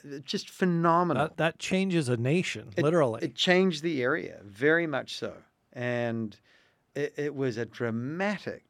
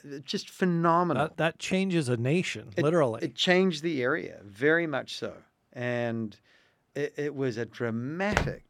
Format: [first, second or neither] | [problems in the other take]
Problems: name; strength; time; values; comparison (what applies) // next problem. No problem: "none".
first | footsteps; very faint; at 8.5 s; peak 2 dB below the speech